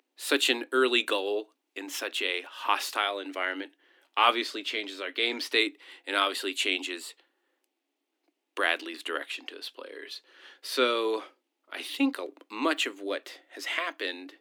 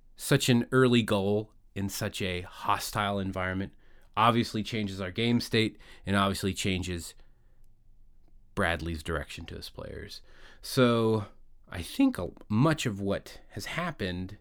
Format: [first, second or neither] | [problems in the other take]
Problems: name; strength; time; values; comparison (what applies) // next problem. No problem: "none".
second | thin; somewhat; fading below 250 Hz